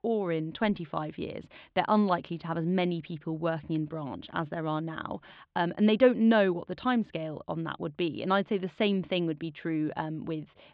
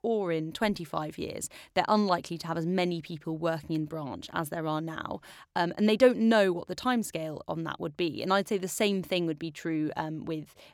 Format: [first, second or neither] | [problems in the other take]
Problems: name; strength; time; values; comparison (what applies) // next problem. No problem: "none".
second | muffled; very; fading above 3.5 kHz